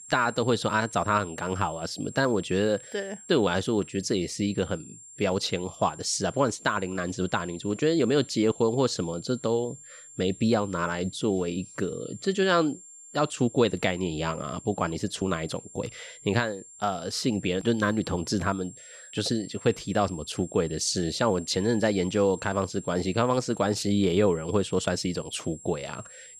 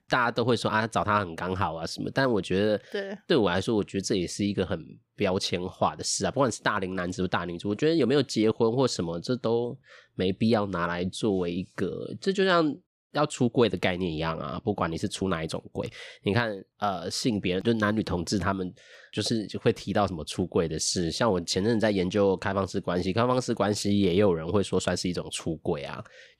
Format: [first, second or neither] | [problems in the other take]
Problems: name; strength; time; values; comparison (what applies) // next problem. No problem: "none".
second | high-pitched whine; noticeable; throughout; 7.5 kHz, 15 dB below the speech